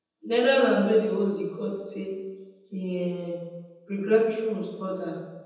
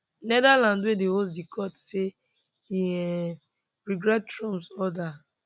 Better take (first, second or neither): second